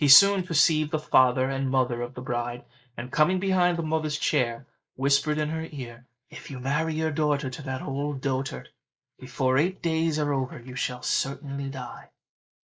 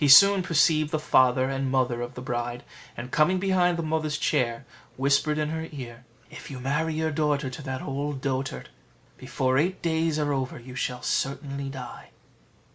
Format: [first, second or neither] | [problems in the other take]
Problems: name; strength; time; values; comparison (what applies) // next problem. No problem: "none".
second | noise reduction (neural mask model Resemble Enhance denoiser)